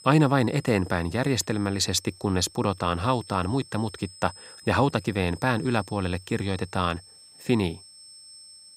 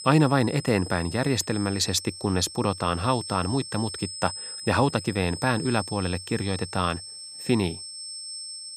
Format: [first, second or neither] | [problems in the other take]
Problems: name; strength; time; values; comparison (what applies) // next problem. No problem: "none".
first | high-pitched whine; loud; throughout; 5.5 kHz, 10 dB below the speech; faint in the first